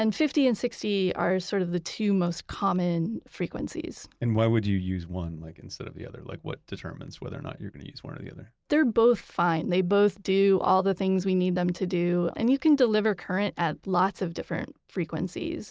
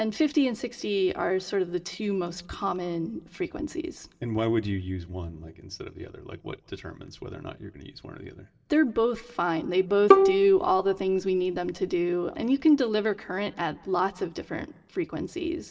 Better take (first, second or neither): first